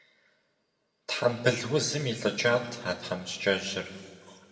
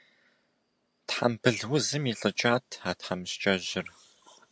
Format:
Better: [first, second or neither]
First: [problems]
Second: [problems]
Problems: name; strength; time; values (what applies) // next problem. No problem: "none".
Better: second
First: room echo; dies away in 1.6 s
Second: none